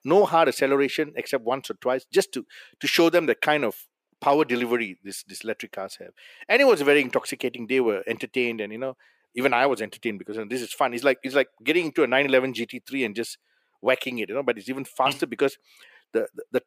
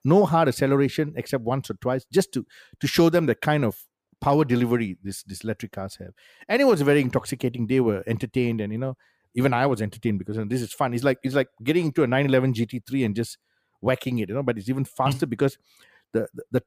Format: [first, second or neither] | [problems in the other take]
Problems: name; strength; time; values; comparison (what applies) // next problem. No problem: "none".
second | thin; somewhat; fading below 400 Hz